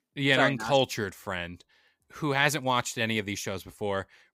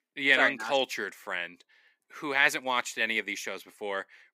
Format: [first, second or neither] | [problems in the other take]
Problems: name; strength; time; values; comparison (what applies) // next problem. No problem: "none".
first | thin; somewhat; fading below 250 Hz